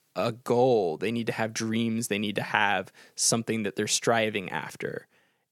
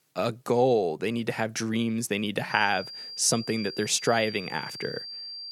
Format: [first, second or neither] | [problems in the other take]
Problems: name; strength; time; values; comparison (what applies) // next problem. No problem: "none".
first | high-pitched whine; noticeable; from 2.5 s on; 4.5 kHz, 10 dB below the speech